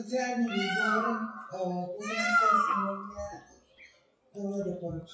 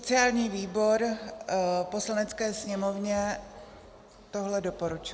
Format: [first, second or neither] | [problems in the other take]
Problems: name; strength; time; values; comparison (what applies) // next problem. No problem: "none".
second | noise reduction (classical method WPE with log-MMSE)